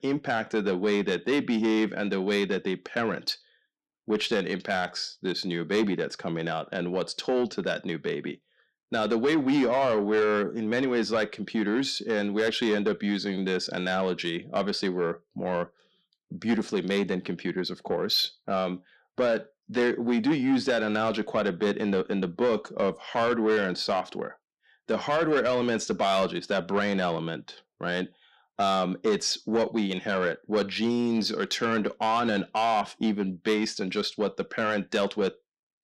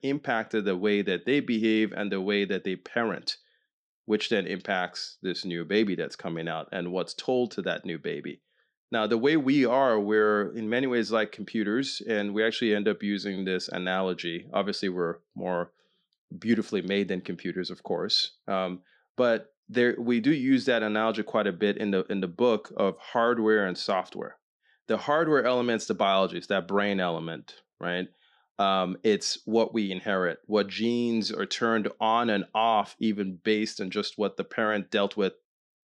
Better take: second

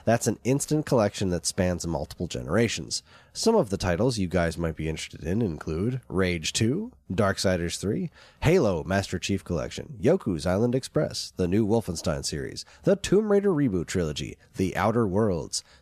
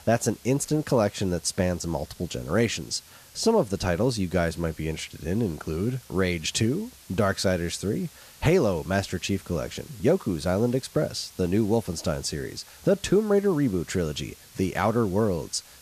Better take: first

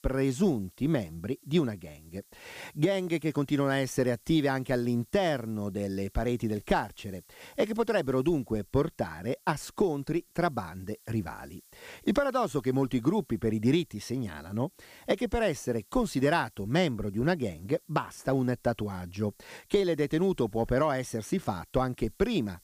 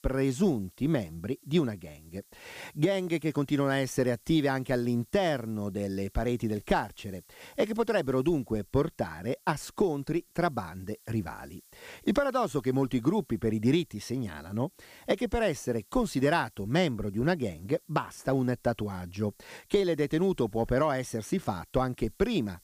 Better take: neither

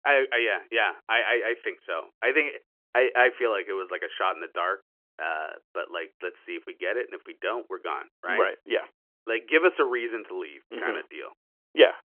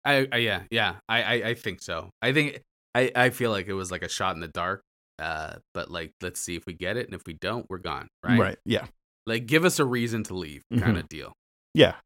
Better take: second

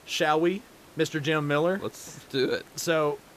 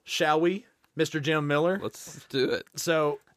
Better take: second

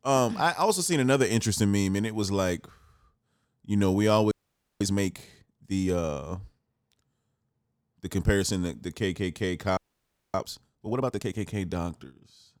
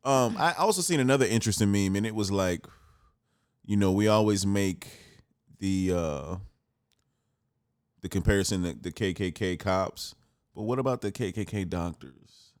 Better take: second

